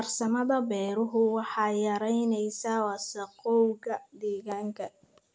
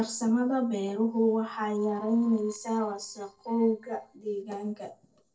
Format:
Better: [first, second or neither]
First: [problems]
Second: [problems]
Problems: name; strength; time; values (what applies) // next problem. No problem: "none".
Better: first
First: none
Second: noise reduction (neural separator model SepFormer DNS4)